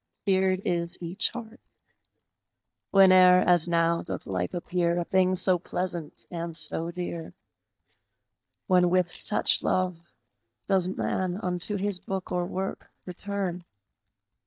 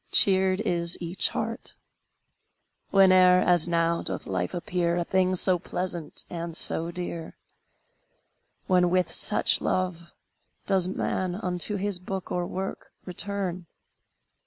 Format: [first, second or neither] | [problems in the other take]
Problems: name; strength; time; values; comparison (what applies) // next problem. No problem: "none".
second | noise reduction (neural mask model DeepFilterNet 3)